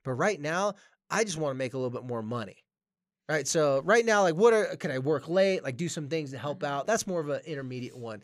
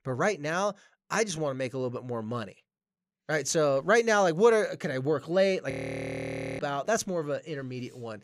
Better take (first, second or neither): first